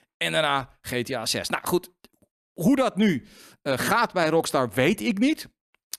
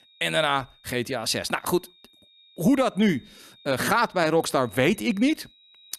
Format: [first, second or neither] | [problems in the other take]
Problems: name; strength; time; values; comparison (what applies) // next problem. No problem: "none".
first | high-pitched whine; faint; throughout; 3.5 kHz, 30 dB below the speech